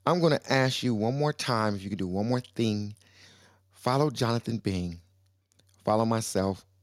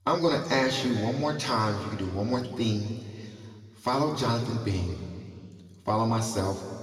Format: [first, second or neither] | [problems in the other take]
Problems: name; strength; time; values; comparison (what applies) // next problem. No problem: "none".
first | room echo; noticeable; dies away in 2.1 s // off-mic speech; somewhat distant